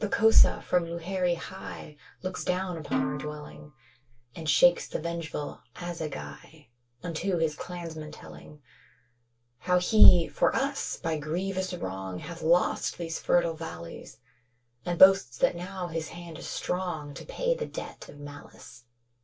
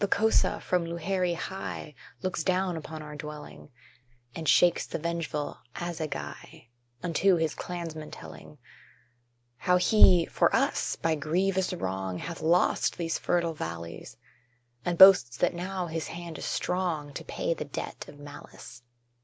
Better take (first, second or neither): second